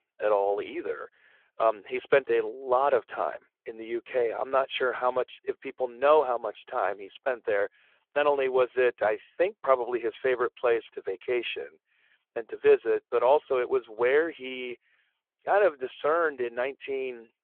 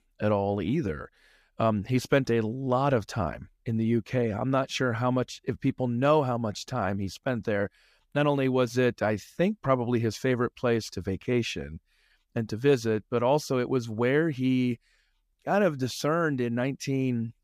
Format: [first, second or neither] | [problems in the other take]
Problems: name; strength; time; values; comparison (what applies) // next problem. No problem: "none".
second | phone-call audio